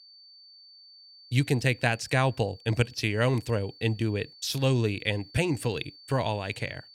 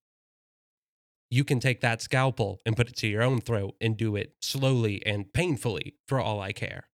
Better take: second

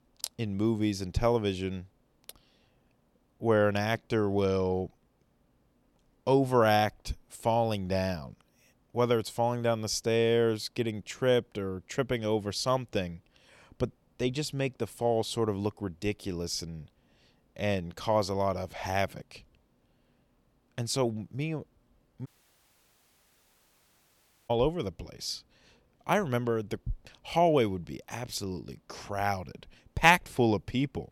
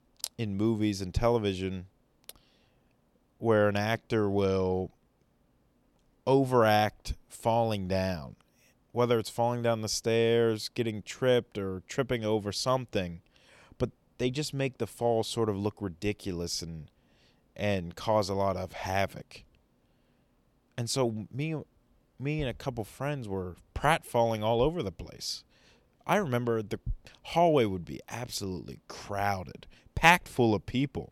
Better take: second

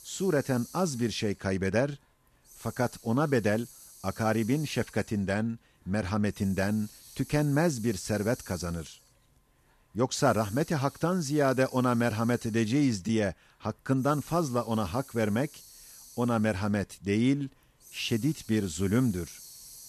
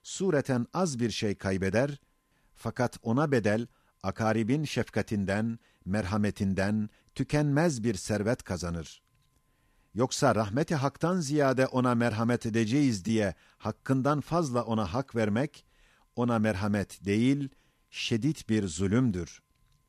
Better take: second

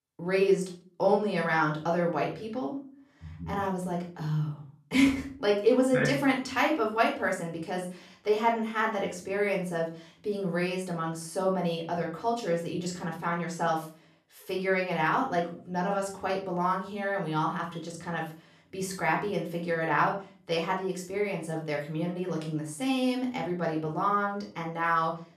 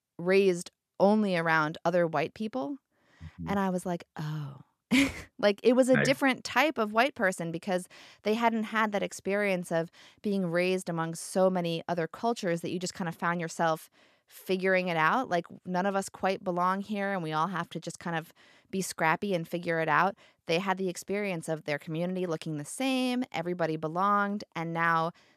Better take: second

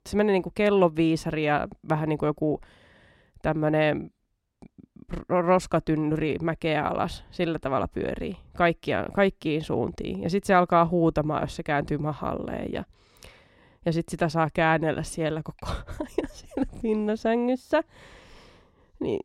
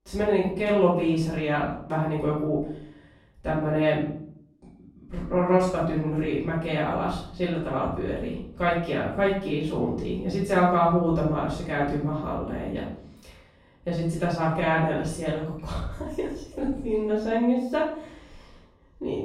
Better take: first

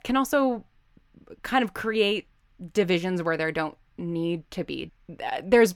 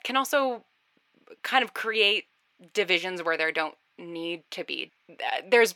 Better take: first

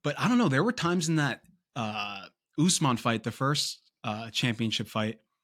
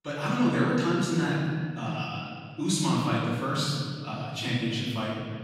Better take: first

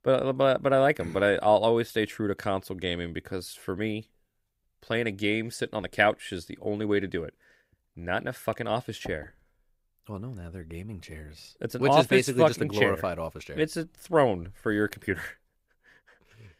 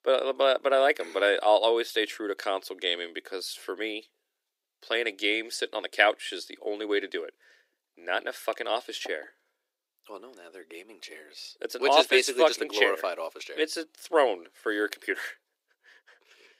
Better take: first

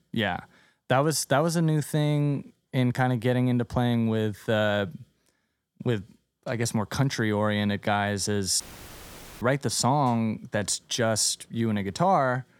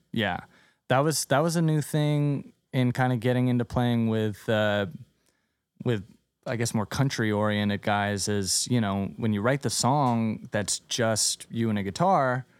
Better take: second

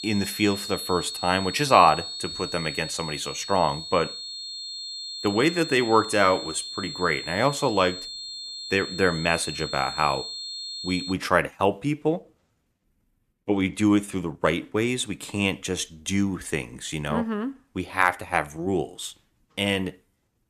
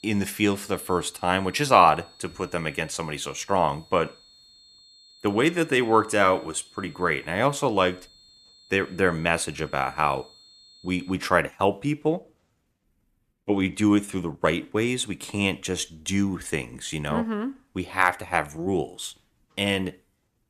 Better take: second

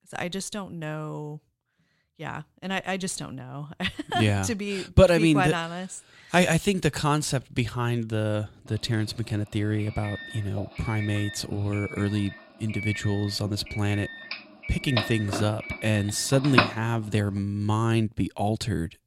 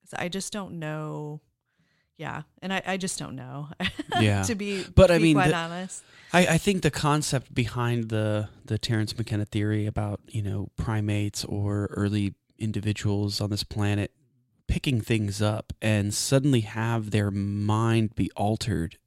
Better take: second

